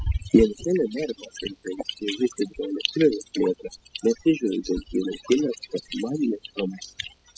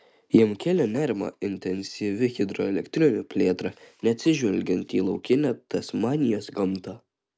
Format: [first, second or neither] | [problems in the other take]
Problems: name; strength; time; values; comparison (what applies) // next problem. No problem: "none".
second | noise reduction (classical method spectral subtraction)